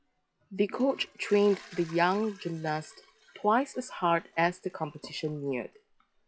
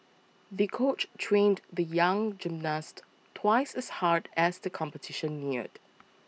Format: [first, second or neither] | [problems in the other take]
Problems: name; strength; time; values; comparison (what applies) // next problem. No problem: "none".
second | noise reduction (classical method log-MMSE)